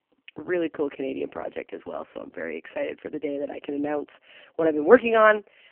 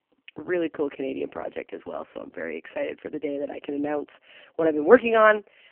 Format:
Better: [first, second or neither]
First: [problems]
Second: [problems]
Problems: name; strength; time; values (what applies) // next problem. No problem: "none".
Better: neither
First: phone-call audio; poor line; nothing above 3 kHz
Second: phone-call audio; poor line; nothing above 3 kHz